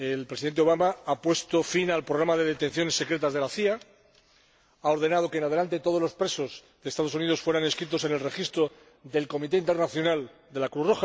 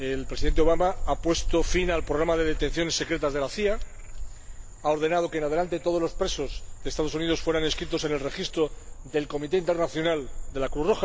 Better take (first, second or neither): first